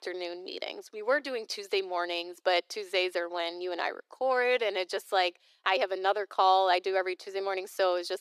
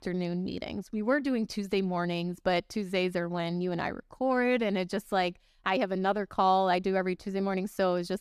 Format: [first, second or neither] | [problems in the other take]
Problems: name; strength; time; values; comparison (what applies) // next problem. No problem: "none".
second | thin; very; fading below 350 Hz